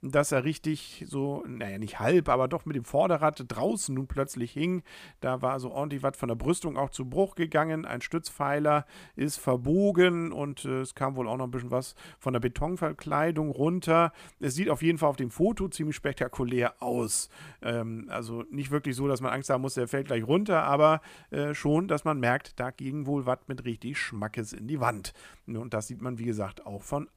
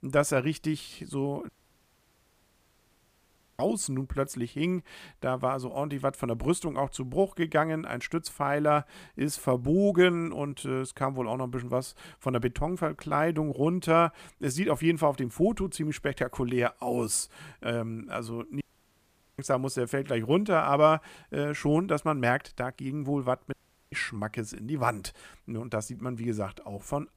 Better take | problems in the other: first | audio cutting out; at 1.5 s for 2 s, at 19 s for 1 s and at 24 s

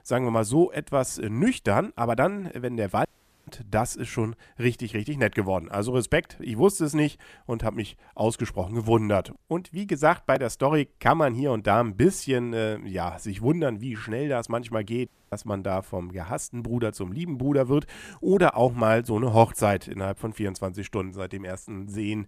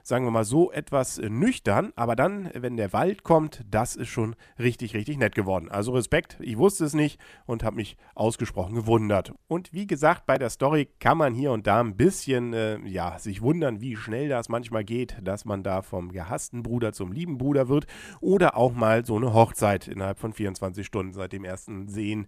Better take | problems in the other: second | audio cutting out; at 3 s and at 15 s

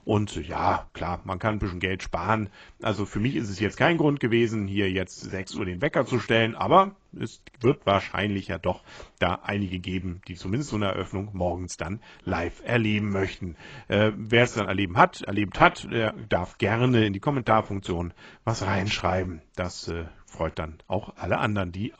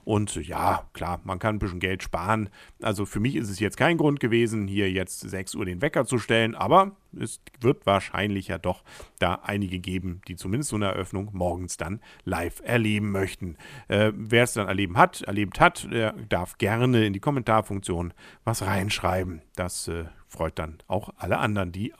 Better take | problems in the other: second | garbled, watery; badly; nothing above 8 kHz

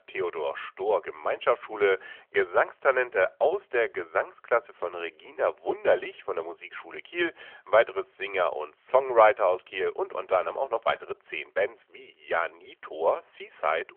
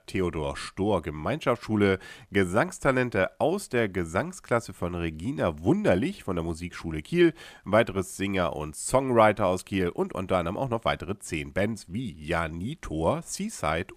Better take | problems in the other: second | phone-call audio; nothing above 3 kHz

